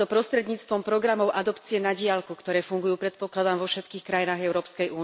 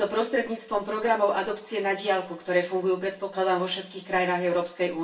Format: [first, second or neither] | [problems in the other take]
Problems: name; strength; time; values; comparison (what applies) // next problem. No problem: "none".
first | room echo; dies away in 0.3 s